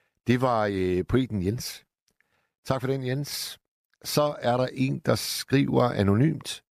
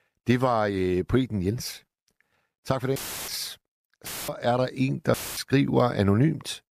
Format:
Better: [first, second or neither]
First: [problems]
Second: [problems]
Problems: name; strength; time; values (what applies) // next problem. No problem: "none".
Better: first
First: none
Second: audio cutting out; filled with static; at 3 s, at 4 s and at 5 s